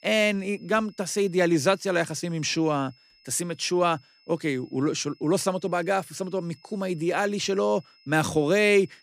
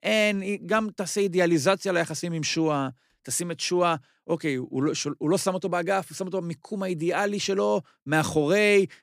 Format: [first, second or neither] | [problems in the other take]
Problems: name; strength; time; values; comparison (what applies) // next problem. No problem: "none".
second | high-pitched whine; faint; throughout; 5 kHz, 30 dB below the speech